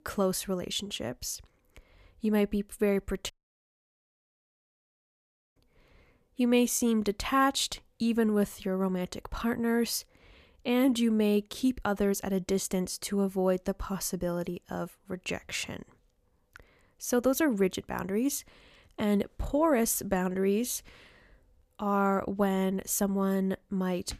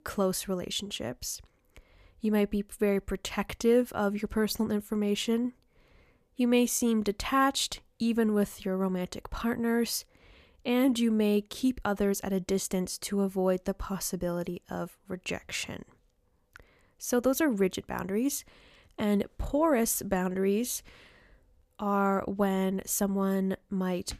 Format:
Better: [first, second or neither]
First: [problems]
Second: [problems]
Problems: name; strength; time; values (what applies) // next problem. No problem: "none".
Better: second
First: audio cutting out; at 3.5 s for 2.5 s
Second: none